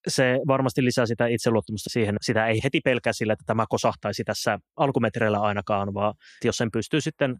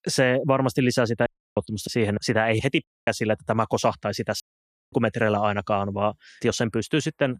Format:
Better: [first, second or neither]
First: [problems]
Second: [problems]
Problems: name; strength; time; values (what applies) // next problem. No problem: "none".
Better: first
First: none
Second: audio cutting out; at 1.5 s, at 3 s and at 4.5 s for 0.5 s